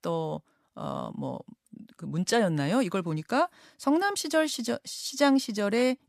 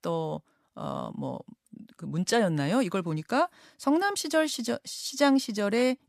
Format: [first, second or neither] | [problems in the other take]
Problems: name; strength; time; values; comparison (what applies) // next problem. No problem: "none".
neither | none